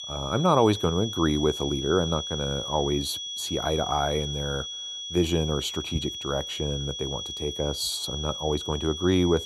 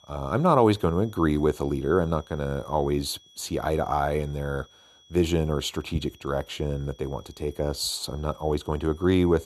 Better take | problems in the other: second | high-pitched whine; loud; throughout; 3.5 kHz, 5 dB below the speech; faint in the second

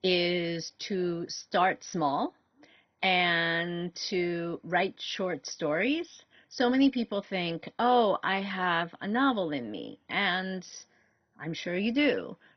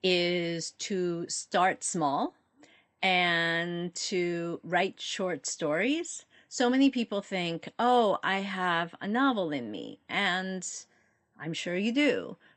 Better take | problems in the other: second | garbled, watery; badly; nothing above 6 kHz; slightly in the second

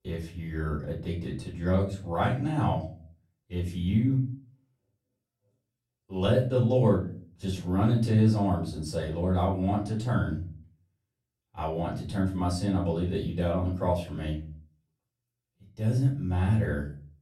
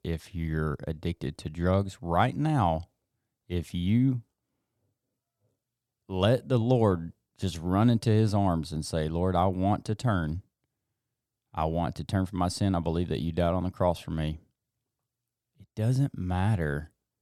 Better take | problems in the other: second | off-mic speech; far // room echo; slight; dies away in 0.4 s

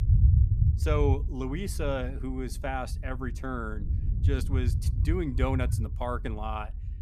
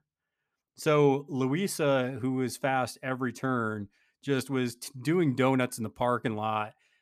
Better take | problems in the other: second | low rumble; noticeable; throughout; 10 dB below the speech

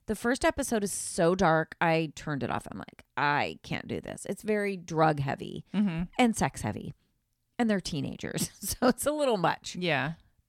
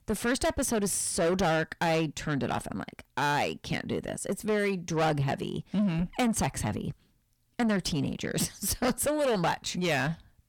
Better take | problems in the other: first | distortion; heavy; 7 dB below the speech

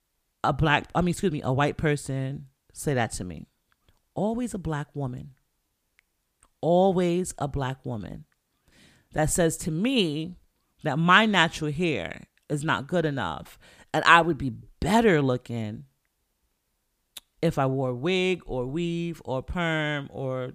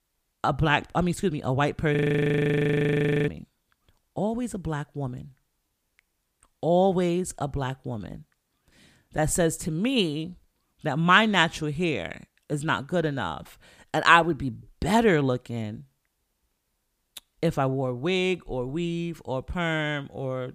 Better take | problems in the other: first | audio freezing; at 2 s for 1.5 s

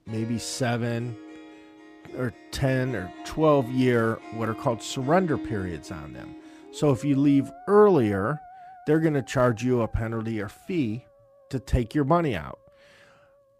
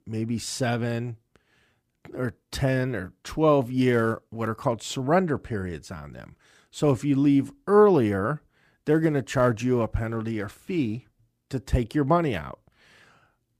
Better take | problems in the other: second | background music; noticeable; throughout; 20 dB below the speech

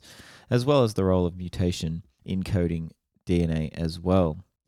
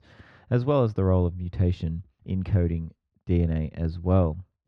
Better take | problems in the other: first | muffled; slightly; fading above 2 kHz

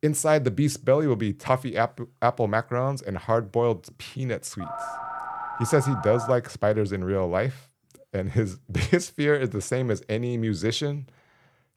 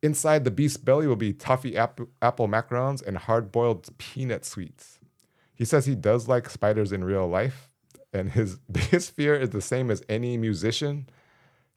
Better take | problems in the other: second | phone ringing; noticeable; from 4.5 to 6.5 s; peak 7 dB below the speech

